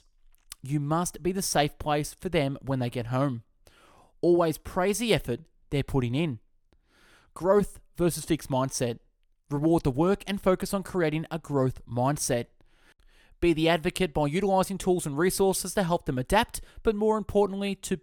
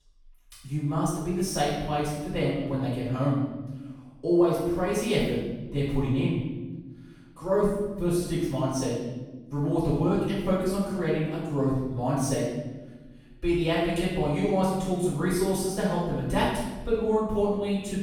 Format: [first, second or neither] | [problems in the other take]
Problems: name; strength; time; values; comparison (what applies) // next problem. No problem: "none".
first | off-mic speech; far // room echo; strong; dies away in 1.2 s